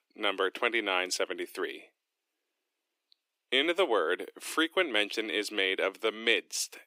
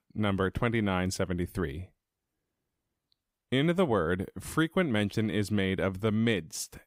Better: second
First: thin; very; fading below 300 Hz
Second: none

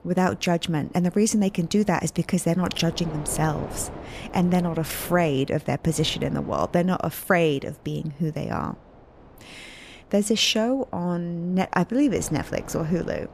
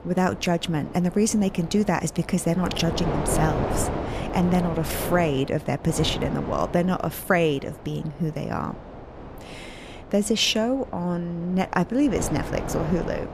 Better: first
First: wind noise on the microphone; occasional gusts; 20 dB below the speech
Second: wind noise on the microphone; heavy; 8 dB below the speech

